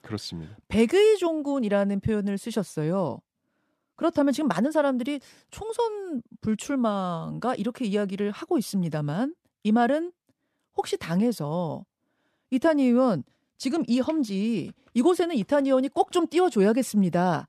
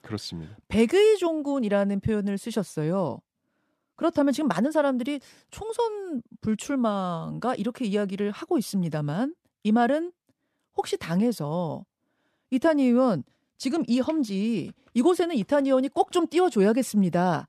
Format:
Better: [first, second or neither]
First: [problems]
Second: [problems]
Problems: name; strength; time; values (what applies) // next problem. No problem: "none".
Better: neither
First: none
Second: none